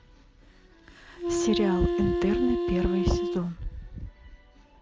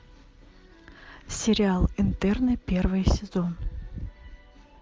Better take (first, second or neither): second